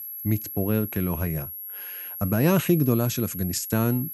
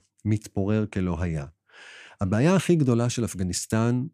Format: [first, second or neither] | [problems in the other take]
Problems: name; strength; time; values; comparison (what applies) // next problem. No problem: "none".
second | high-pitched whine; loud; throughout; 11.5 kHz, 8 dB below the speech